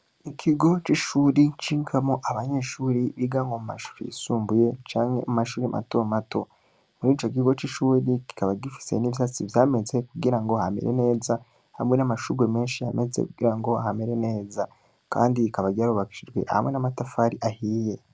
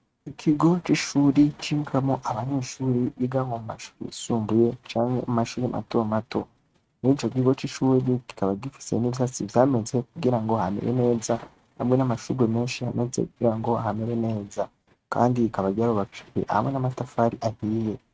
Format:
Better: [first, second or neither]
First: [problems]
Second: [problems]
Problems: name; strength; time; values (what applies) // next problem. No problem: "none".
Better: first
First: none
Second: noise reduction (neural mask model RNNoise)